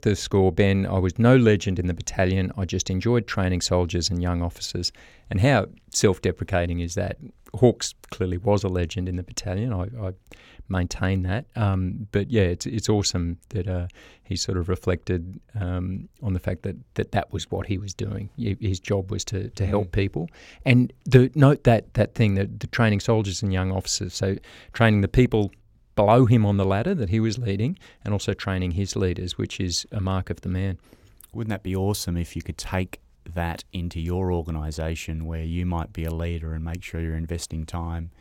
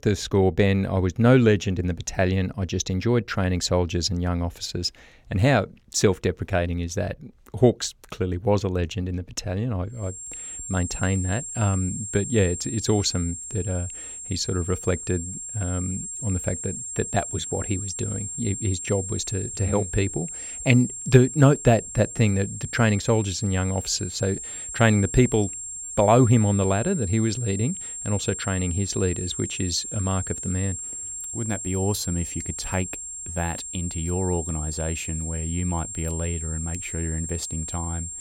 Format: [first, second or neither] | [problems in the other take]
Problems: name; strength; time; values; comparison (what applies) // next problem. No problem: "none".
first | high-pitched whine; loud; from 10 s on; 7.5 kHz, 7 dB below the speech